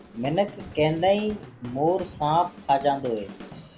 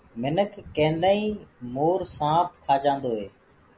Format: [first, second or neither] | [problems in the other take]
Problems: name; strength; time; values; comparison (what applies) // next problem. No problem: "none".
second | background sound (Drum / Drum kit); 18 dB below the speech